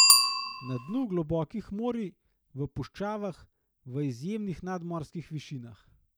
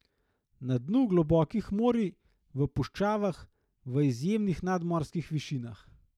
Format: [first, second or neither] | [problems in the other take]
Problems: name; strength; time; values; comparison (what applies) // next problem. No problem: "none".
second | background sound (Bicycle bell); 3 dB above the speech